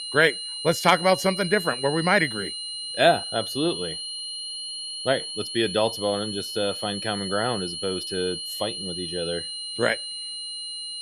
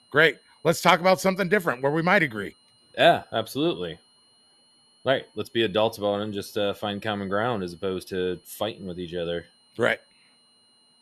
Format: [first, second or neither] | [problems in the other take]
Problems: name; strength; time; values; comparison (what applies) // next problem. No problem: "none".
second | high-pitched whine; loud; throughout; 4 kHz, 6 dB below the speech; faint in the second